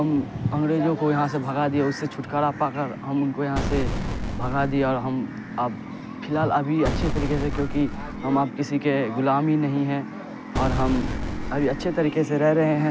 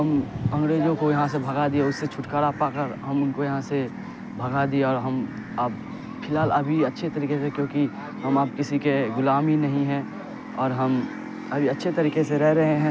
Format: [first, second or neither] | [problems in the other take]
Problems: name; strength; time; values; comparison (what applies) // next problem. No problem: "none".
second | background sound (Boom); 4 dB below the speech